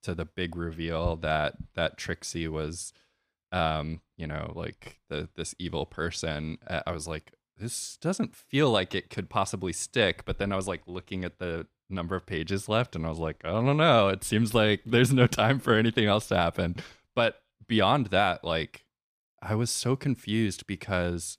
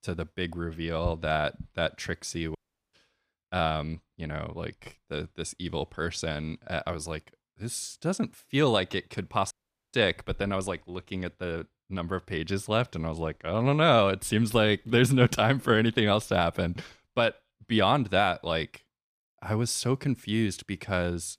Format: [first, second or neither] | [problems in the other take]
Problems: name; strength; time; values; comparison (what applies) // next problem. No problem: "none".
first | audio cutting out; at 2.5 s and at 9.5 s